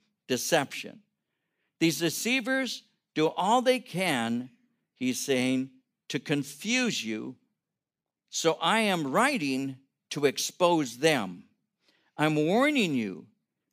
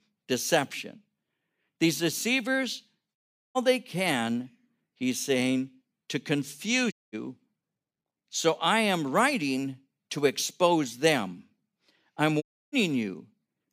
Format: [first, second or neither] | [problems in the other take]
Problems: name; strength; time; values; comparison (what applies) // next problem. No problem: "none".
first | audio cutting out; at 3 s, at 7 s and at 12 s